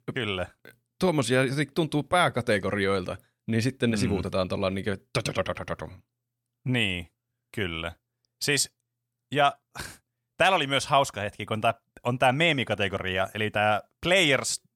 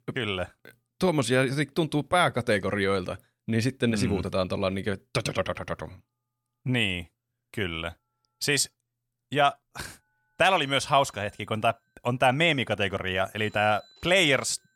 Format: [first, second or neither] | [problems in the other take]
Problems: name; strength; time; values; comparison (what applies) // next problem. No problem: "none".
first | alarms or sirens; faint; throughout; 30 dB below the speech